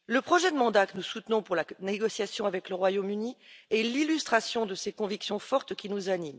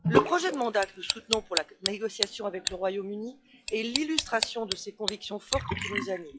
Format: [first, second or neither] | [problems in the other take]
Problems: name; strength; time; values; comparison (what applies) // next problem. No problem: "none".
first | noise reduction (classical method log-MMSE)